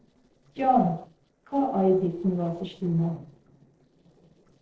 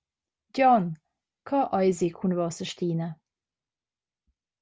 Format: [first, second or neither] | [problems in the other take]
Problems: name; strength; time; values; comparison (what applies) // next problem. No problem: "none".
second | noise reduction (neural separator model SepFormer DNS4)